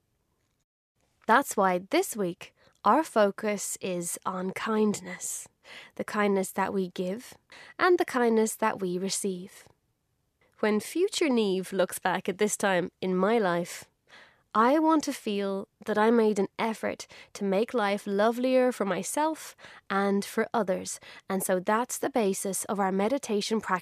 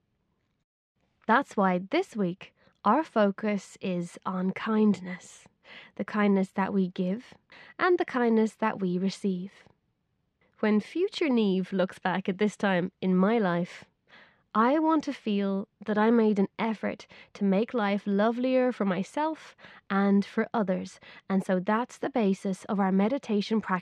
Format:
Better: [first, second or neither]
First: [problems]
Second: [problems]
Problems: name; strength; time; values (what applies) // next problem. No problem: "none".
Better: first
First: none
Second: muffled; slightly; fading above 3 kHz